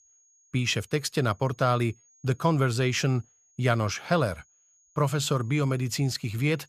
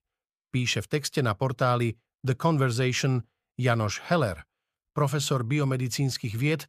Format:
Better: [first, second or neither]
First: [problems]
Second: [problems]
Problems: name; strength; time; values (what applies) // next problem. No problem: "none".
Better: second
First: high-pitched whine; faint; throughout; 6.5 kHz, 35 dB below the speech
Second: none